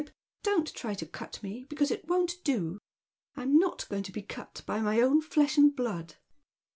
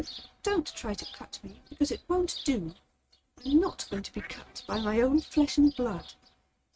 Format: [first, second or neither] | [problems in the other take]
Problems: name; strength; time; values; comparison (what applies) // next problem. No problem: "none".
first | noise reduction (neural mask model RNNoise)